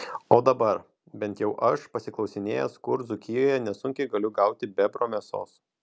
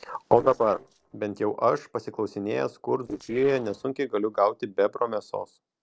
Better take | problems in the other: first | noise reduction (neural separator model SepFormer DNS4)

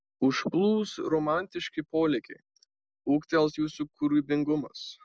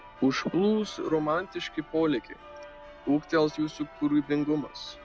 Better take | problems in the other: first | background sound (Church bell); 19 dB below the speech

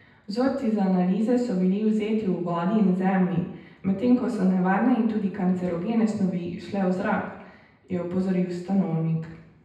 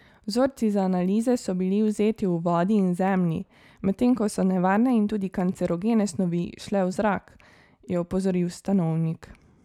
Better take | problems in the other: second | room echo; dies away in 0.9 s

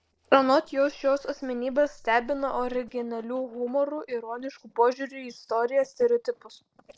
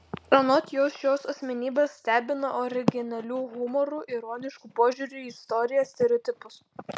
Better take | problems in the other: second | noise reduction (neural separator model SepFormer DNS4)

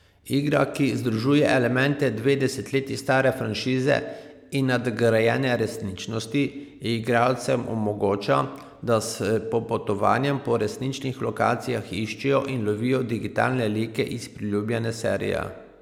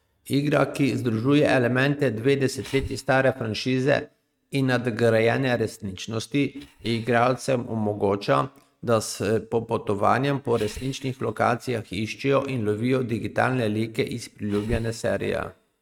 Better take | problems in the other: first | noise reduction (neural mask model RNNoise)

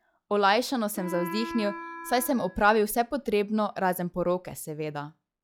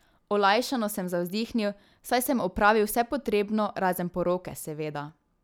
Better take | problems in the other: second | noise reduction (classical method log-MMSE)

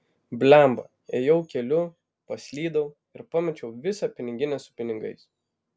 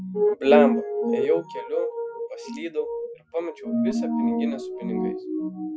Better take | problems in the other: first | noise reduction (classical method Wiener filter)

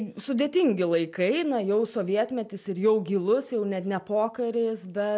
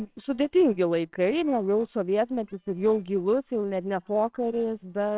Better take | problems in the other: first | noise reduction (neural separator model SepFormer WHAMR!)

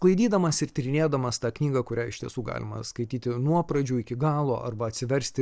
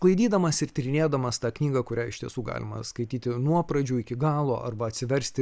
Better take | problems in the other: second | noise reduction (neural separator model SepFormer DNS4)

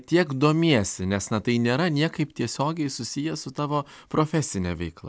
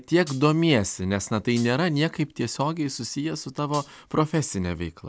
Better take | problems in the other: first | background sound (Hi-hat); 18 dB below the speech

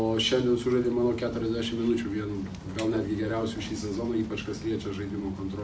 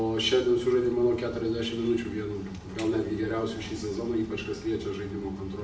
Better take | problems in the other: first | room echo; dies away in 0.7 s

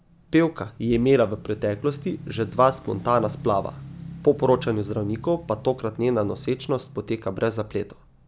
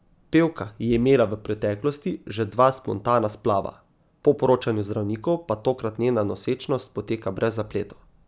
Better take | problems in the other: second | background sound (Motorcycle / Engine); 16 dB below the speech

